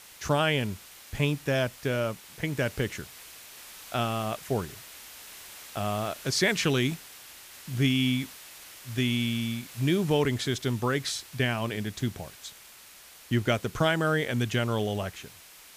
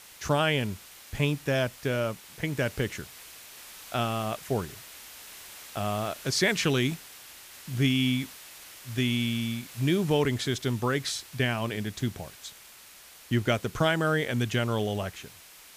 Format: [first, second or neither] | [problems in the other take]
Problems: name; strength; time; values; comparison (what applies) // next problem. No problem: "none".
neither | hiss; noticeable; throughout; 15 dB below the speech; the same in both